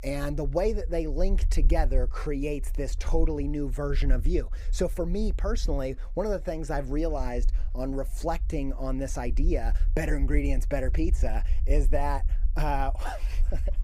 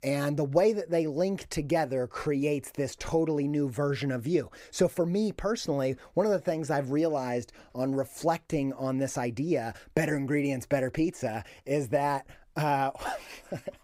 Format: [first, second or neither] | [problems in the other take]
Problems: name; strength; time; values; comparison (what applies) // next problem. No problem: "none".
second | low rumble; faint; throughout; 20 dB below the speech